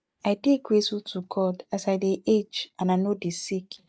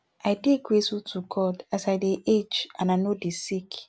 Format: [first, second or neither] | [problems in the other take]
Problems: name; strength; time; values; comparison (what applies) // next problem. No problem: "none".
second | noise reduction (neural mask model DeepFilterNet 3)